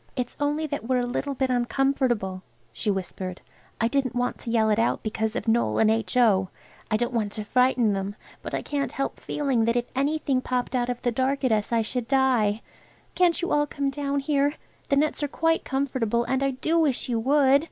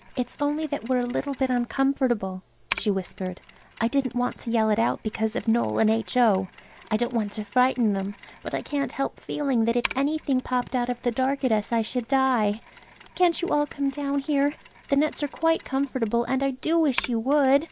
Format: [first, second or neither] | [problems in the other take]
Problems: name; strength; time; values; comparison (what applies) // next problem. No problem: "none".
first | background sound (Mechanisms); 19 dB below the speech